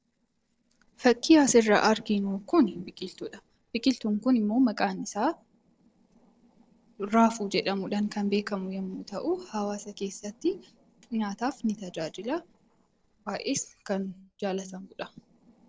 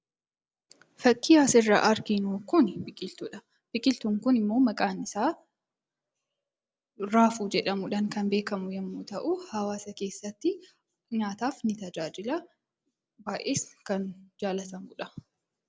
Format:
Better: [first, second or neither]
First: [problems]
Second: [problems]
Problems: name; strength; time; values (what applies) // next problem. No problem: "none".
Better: second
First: noise reduction (neural separator model SepFormer DNS4)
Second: none